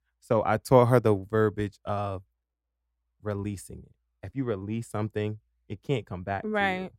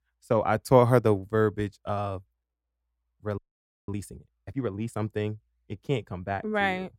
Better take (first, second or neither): first